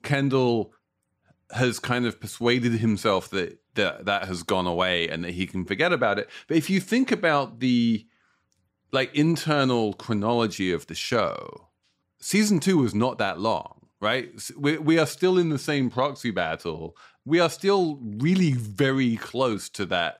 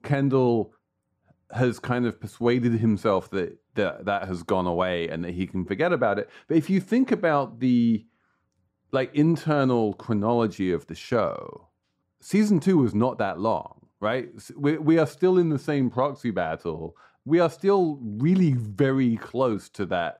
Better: first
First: none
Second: muffled; slightly; fading above 1.5 kHz

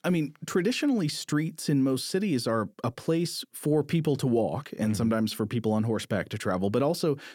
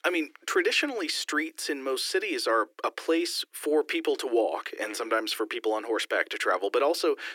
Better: first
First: none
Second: thin; very; fading below 300 Hz

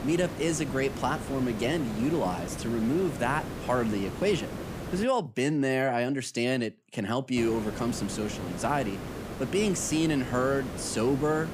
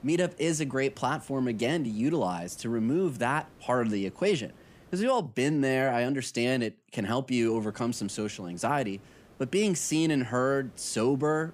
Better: second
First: hiss; loud; until 5 s and from 7.5 s on; 9 dB below the speech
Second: hiss; faint; until 5 s and from 7.5 s on; 25 dB below the speech

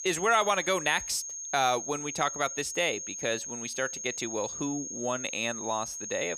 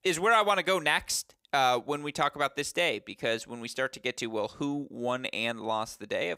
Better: second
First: high-pitched whine; loud; throughout; 6.5 kHz, 6 dB below the speech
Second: none

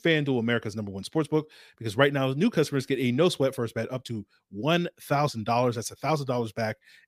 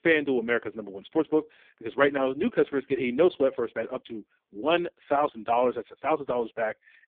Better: first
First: none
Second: phone-call audio; poor line; nothing above 3.5 kHz

